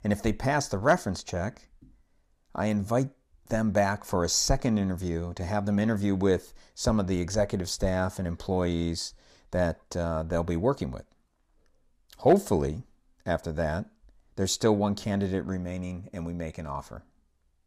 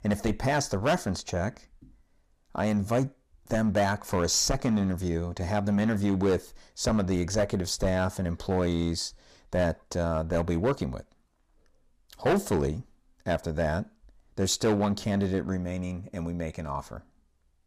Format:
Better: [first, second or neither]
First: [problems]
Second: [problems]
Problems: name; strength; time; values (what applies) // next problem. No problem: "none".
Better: first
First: none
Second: distortion; slight; 5% of the sound clipped